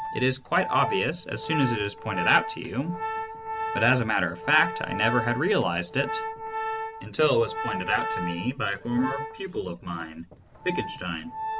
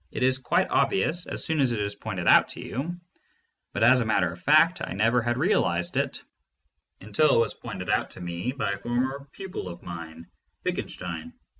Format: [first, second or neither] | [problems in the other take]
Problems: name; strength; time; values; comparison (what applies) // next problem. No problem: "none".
second | background sound (Organ); 6 dB below the speech